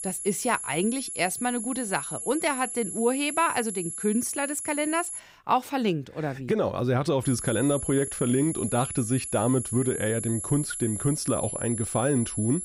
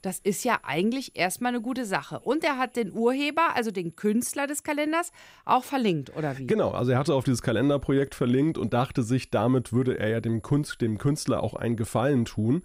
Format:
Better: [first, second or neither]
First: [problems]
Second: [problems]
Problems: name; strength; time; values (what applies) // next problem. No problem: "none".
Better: second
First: high-pitched whine; loud; until 5 s and from 7 s on; 11 kHz, 5 dB below the speech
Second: high-pitched whine; faint; until 5 s and from 7 s on; 11 kHz, 35 dB below the speech